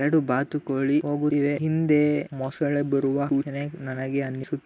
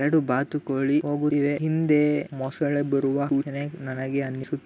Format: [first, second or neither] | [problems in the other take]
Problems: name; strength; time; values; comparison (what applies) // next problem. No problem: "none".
second | noise reduction (neural mask model Resemble Enhance denoiser)